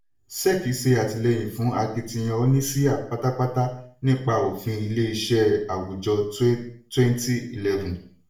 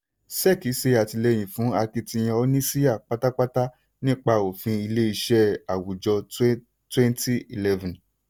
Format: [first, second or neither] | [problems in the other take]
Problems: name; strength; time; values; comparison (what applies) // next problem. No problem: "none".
second | room echo; dies away in 0.5 s